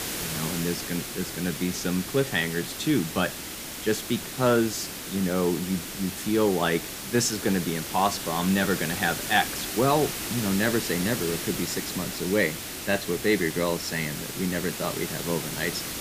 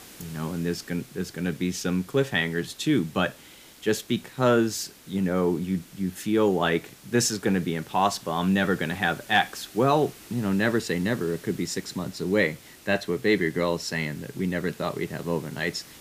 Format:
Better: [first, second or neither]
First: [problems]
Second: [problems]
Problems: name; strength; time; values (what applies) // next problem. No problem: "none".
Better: second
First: hiss; loud; throughout; 5 dB below the speech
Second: hiss; faint; throughout; 20 dB below the speech